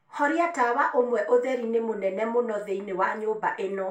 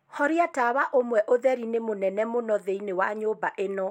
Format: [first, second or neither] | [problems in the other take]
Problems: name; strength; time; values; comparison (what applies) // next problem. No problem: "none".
second | room echo; dies away in 0.3 s